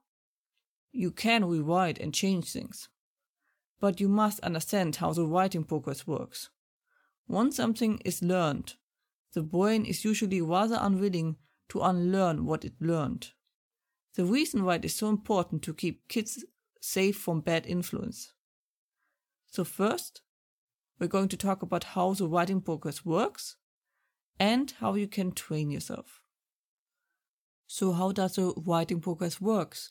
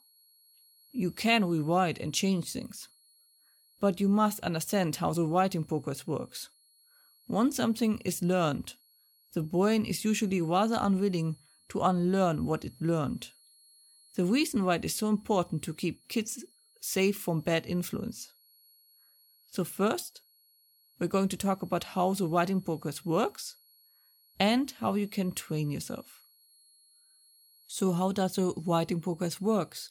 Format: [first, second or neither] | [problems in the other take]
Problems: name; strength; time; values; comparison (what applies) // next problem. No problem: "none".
first | high-pitched whine; faint; throughout; 4.5 kHz, 30 dB below the speech